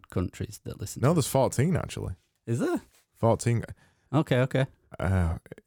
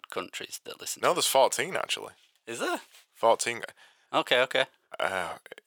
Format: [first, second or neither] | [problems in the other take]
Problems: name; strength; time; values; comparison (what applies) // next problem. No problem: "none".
first | thin; very; fading below 700 Hz